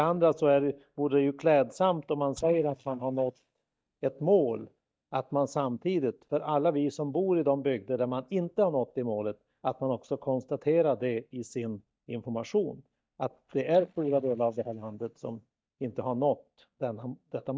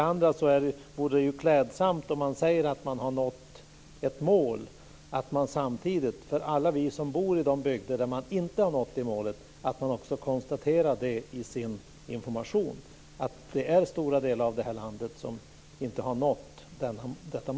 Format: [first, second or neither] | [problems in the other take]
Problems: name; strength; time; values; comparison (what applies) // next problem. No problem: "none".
second | noise reduction (neural mask model DeepFilterNet 3)